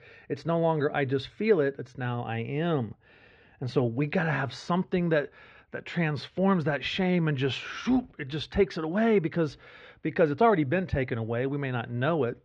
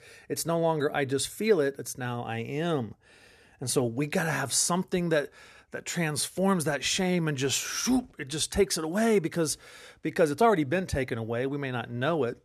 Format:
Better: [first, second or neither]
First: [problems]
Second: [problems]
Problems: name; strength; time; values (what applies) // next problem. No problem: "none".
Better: second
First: muffled; very; fading above 3.5 kHz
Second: none